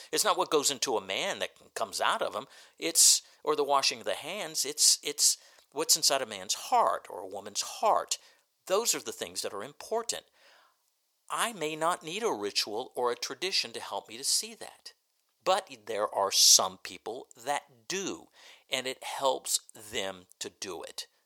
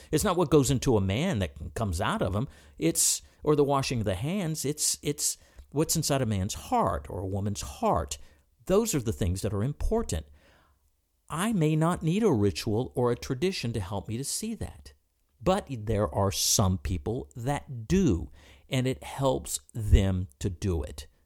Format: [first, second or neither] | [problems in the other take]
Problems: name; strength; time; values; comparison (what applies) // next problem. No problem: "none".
second | thin; very; fading below 700 Hz